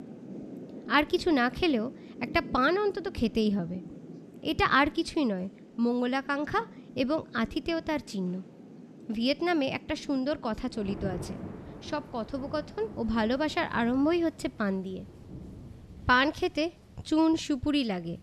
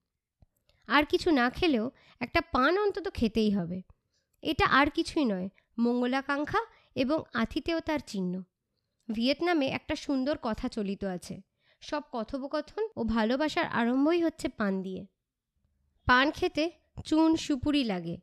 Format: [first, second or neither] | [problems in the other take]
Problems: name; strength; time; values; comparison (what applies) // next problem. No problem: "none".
second | rain or running water; noticeable; throughout; 15 dB below the speech